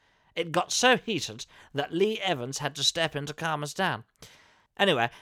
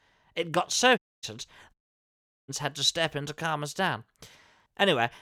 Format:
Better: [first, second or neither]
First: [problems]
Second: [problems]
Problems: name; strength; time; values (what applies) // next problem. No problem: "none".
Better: first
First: none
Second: audio cutting out; at 1 s and at 1.5 s for 0.5 s